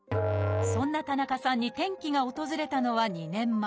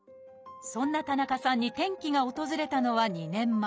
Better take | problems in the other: second | background sound (Musical instrument); 3 dB below the speech

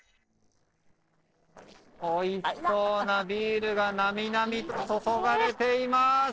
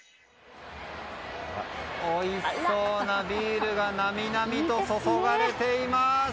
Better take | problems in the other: second | noise reduction (neural separator model SepFormer DNS4)

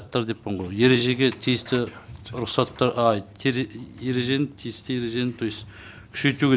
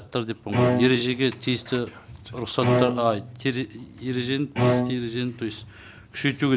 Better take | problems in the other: first | background sound (Bowed string instrument); 1 dB below the speech

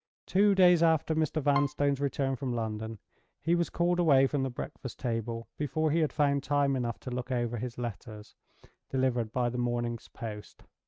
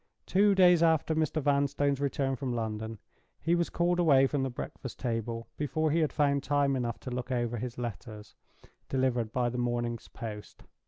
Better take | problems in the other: second | noise reduction (neural mask model RNNoise)

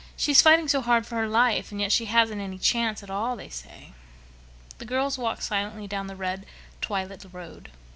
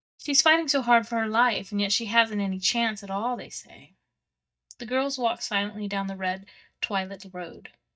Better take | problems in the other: first | noise reduction (neural mask model DeepFilterNet 3)

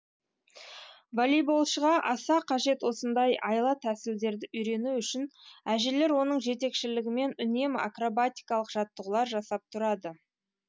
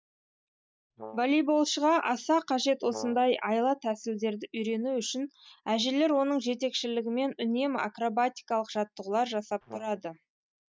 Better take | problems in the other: first | noise reduction (neural mask model DeepFilterNet 3)

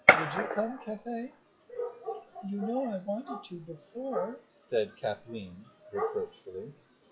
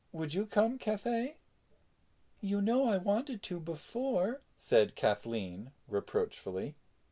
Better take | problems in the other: second | noise reduction (classical method log-MMSE)

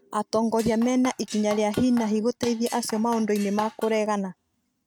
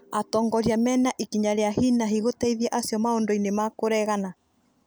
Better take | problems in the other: second | noise reduction (neural mask model RNNoise)

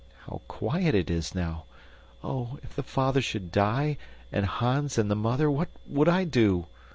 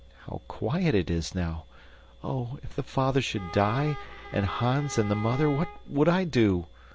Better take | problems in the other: first | background sound (Bowed string instrument); 14 dB below the speech

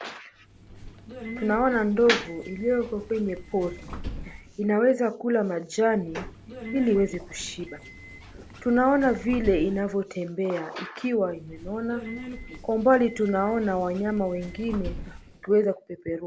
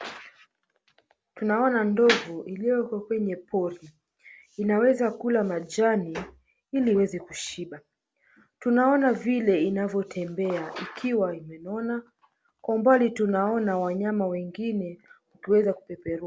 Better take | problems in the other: second | background sound (Subway, metro, underground); 14 dB below the speech

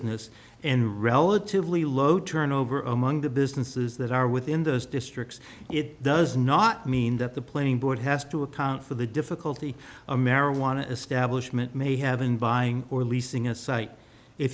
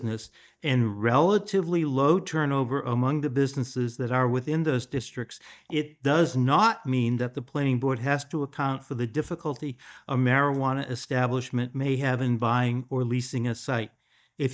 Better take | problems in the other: first | noise reduction (neural mask model DeepFilterNet 3)

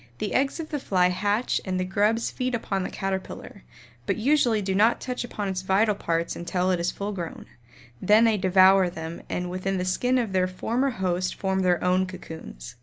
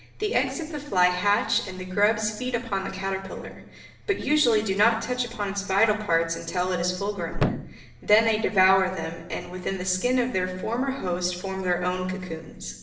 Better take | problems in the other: first | background sound (Thump, thud); 4 dB below the speech // room echo; dies away in 0.8 s

